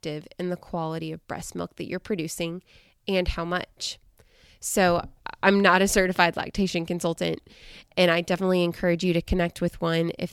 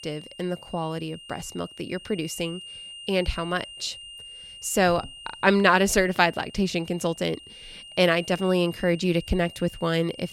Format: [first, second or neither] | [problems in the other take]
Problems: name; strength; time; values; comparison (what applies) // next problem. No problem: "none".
first | high-pitched whine; noticeable; throughout; 3 kHz, 15 dB below the speech